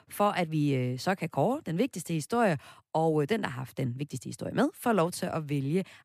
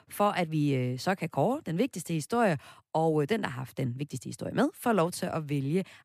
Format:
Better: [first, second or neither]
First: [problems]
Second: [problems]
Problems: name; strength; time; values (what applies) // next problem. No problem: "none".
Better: neither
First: none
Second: none